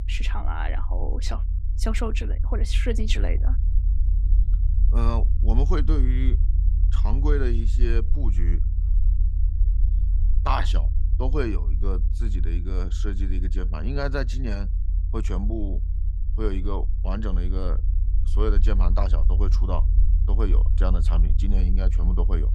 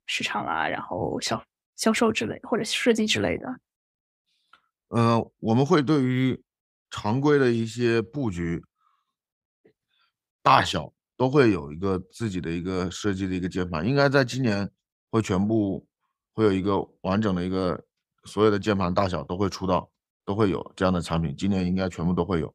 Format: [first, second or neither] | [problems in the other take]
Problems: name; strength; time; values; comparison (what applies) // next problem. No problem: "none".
second | low rumble; noticeable; throughout; 10 dB below the speech